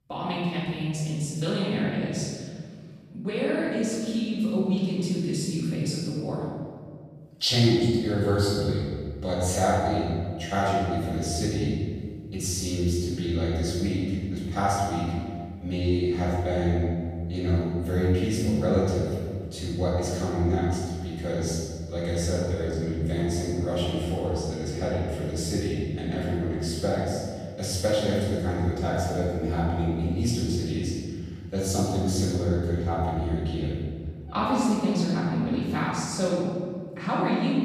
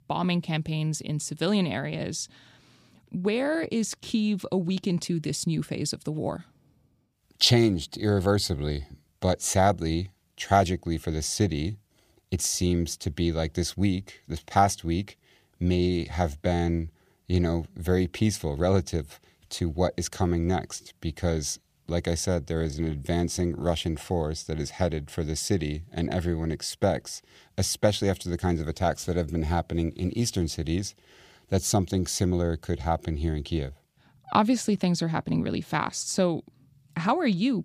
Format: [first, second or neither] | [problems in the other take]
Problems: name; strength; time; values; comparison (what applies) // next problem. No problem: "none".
second | off-mic speech; far // room echo; strong; dies away in 1.7 s